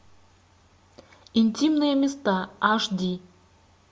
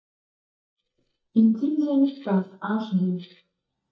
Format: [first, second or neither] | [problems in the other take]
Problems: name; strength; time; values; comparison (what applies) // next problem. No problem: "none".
first | noise reduction (neural mask model DeepFilterNet 3)